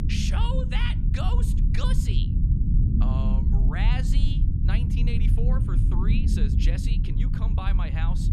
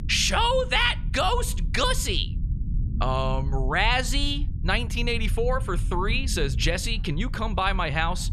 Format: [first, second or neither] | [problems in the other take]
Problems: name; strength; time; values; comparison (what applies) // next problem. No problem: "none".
second | low rumble; loud; throughout; 2 dB below the speech; faint in the second